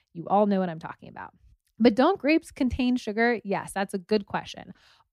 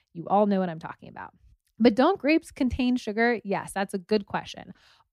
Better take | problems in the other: neither | none

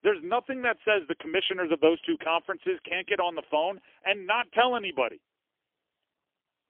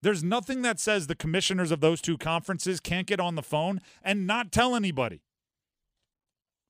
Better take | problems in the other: second | phone-call audio; poor line; nothing above 3.5 kHz

